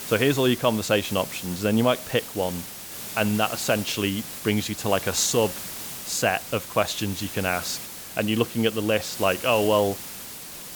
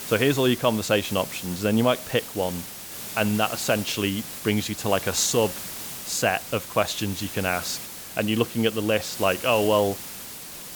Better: neither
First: hiss; loud; throughout; 10 dB below the speech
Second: hiss; loud; throughout; 10 dB below the speech

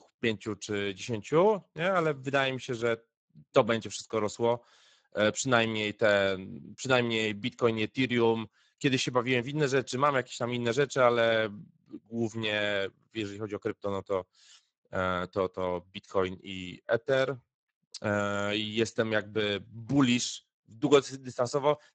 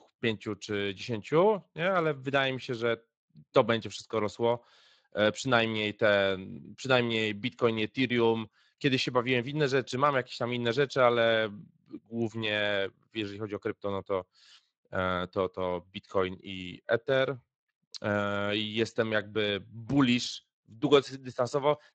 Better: second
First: garbled, watery; badly; nothing above 7.5 kHz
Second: garbled, watery; slightly; nothing above 7.5 kHz

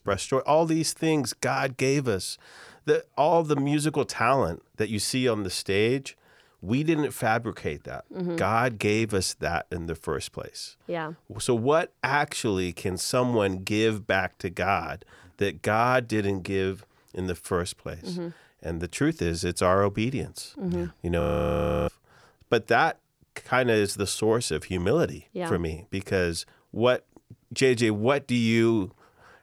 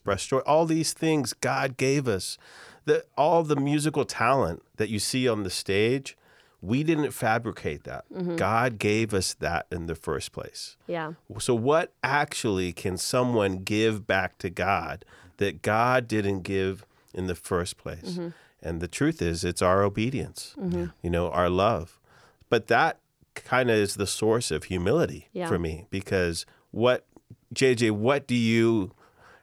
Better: second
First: audio freezing; at 21 s for 0.5 s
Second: none

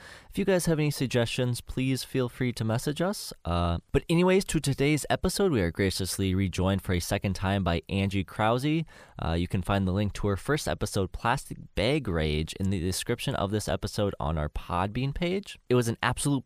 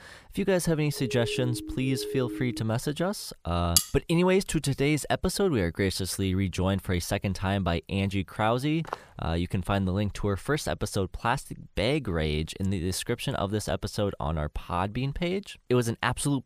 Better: first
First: none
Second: siren; noticeable; from 1 to 2.5 s; peak 7 dB below the speech // clattering dishes; loud; at 4 s; peak 3 dB above the speech // footsteps; faint; at 9 s; peak 10 dB below the speech

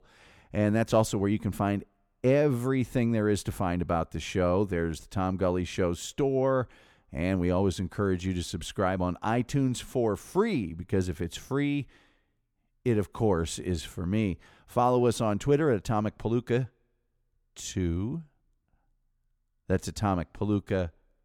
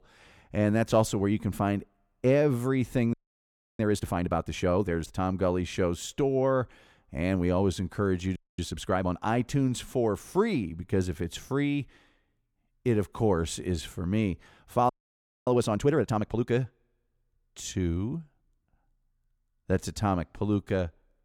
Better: first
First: none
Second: audio freezing; at 3 s for 0.5 s, at 8.5 s and at 15 s for 0.5 s

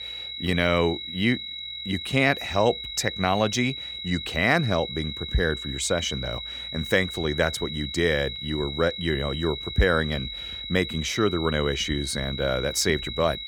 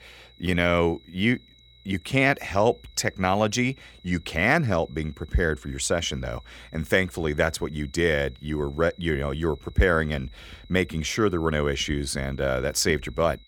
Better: second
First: high-pitched whine; loud; throughout; 4 kHz, 7 dB below the speech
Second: high-pitched whine; faint; throughout; 4 kHz, 30 dB below the speech

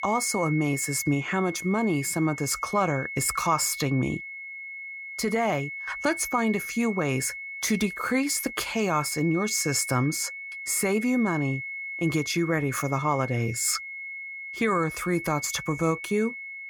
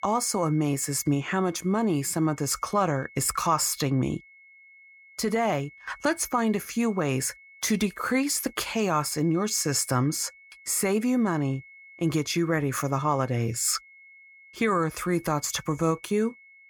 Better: second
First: high-pitched whine; loud; throughout; 2 kHz, 8 dB below the speech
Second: high-pitched whine; faint; throughout; 2 kHz, 25 dB below the speech

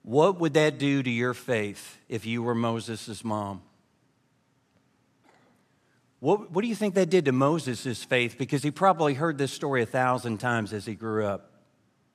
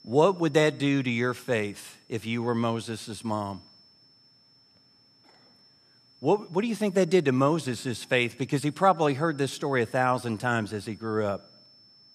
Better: first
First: none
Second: high-pitched whine; faint; throughout; 5.5 kHz, 30 dB below the speech

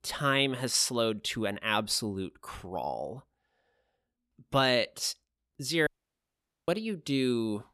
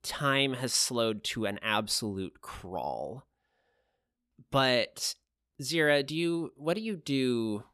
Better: second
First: audio cutting out; at 6 s for 1 s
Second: none

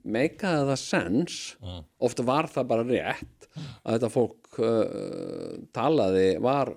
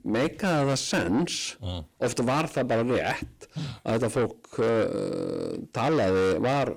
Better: first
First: none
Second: distortion; heavy; 7 dB below the speech

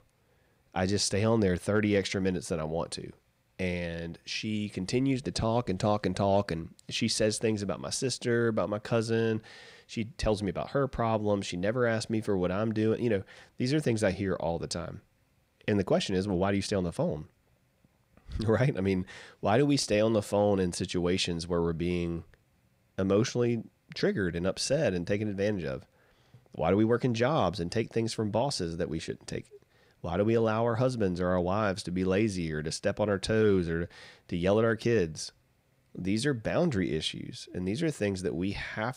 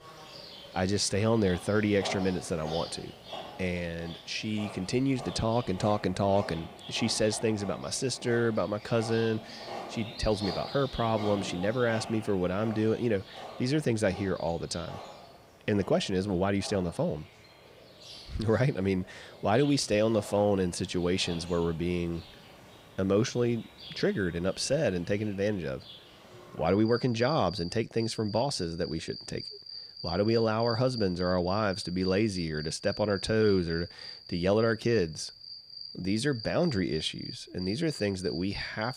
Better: first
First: none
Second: animal sounds; noticeable; throughout; 15 dB below the speech

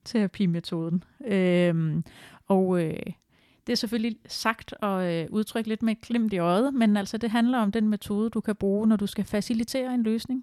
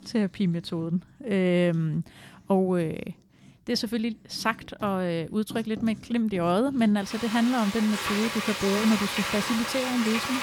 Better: first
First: none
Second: household noises; loud; throughout; 5 dB below the speech

